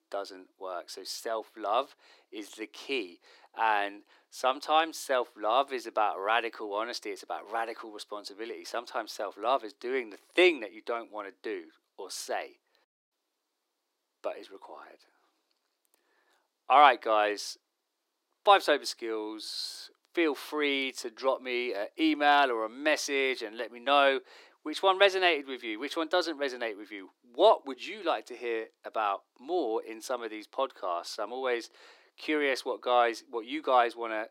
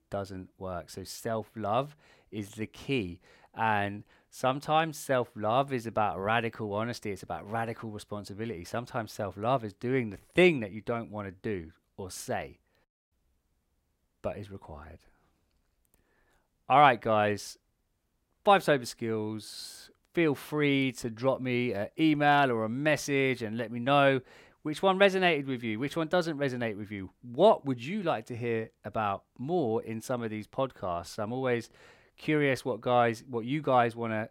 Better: second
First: thin; somewhat; fading below 300 Hz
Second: none

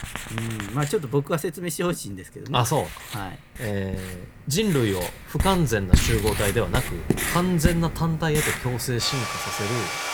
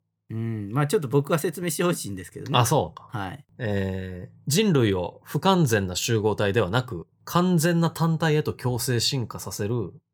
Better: second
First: household noises; loud; throughout; 3 dB below the speech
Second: none

